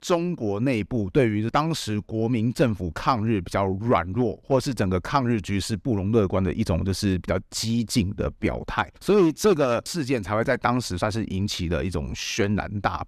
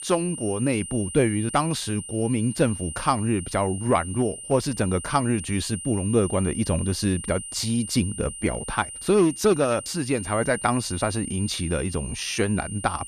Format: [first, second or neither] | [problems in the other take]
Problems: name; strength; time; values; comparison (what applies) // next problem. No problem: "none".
first | high-pitched whine; loud; throughout; 9 kHz, 9 dB below the speech